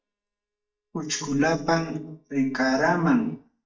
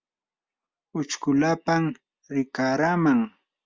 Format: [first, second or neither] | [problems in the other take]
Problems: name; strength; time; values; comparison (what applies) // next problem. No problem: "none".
second | noise reduction (neural mask model DeepFilterNet 3)